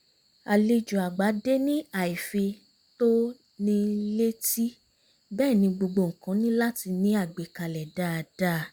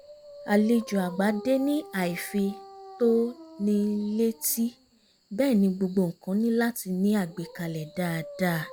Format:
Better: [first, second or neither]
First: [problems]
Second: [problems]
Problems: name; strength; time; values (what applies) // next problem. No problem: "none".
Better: first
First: none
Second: background sound (Dog); 19 dB below the speech